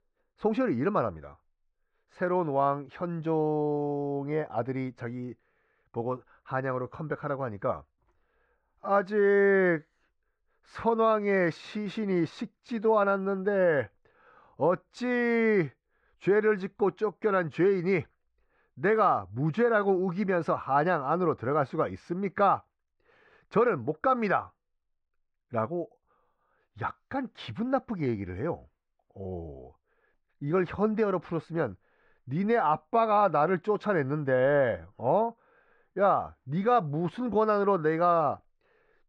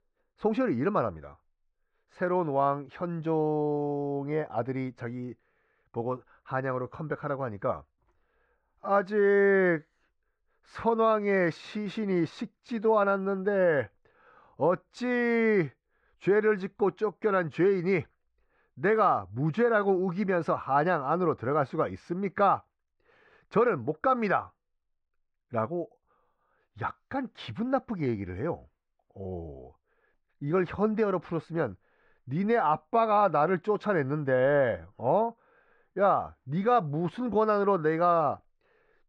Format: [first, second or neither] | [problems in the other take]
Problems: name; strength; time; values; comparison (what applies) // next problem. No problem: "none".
neither | muffled; slightly; fading above 2.5 kHz; the same in both